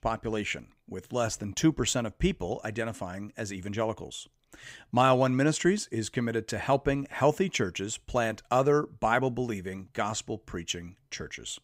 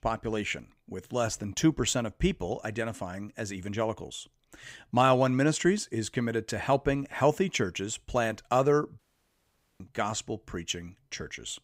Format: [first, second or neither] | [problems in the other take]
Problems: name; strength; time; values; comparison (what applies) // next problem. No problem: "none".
first | audio cutting out; at 9 s for 1 s